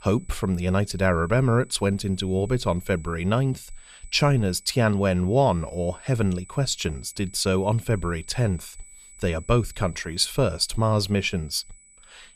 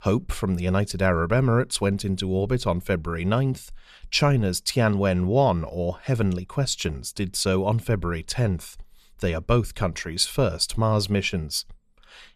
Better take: second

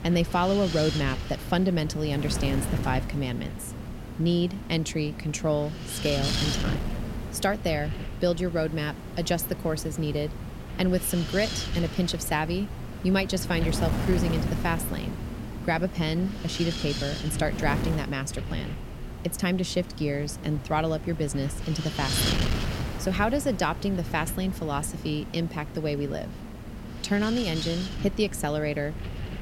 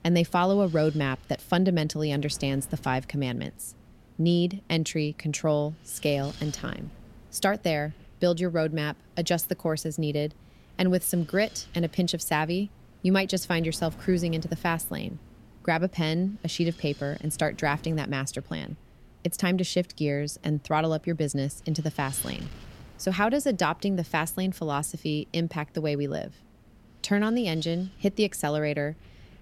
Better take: second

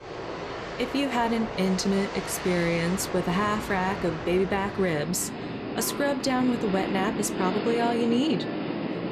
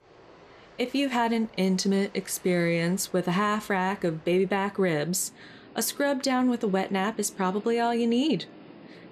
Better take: second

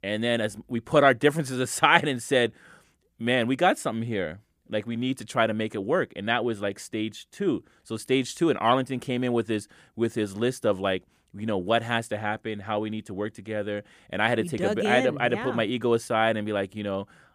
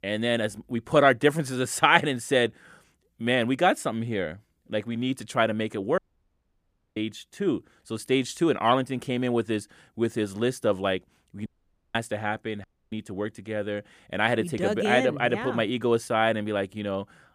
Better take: first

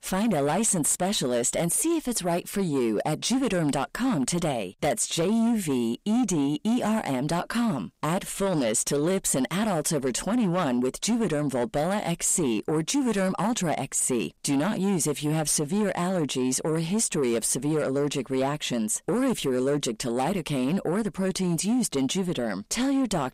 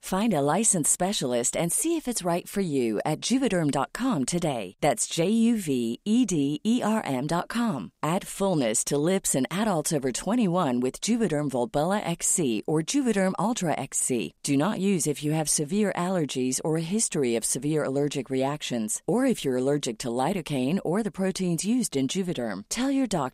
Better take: second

